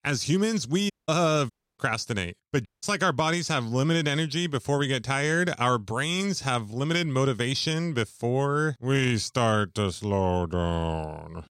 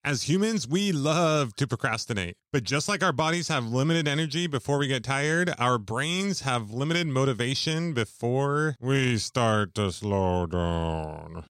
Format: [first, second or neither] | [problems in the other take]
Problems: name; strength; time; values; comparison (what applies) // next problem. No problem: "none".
second | audio cutting out; at 1 s, at 1.5 s and at 2.5 s